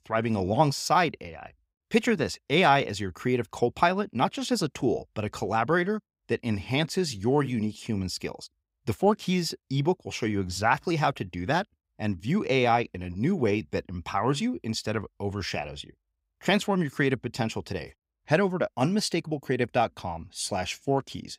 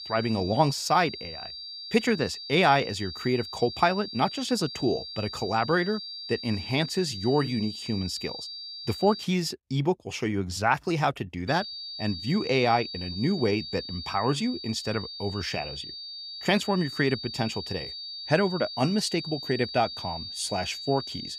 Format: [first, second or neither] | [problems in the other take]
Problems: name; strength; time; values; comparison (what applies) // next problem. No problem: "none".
first | high-pitched whine; loud; until 9 s and from 11 s on; 4.5 kHz, 9 dB below the speech